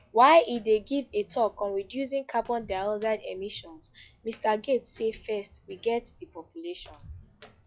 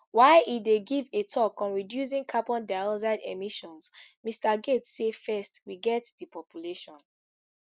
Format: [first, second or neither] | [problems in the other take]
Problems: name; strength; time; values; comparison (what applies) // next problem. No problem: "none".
second | noise reduction (classical method log-MMSE)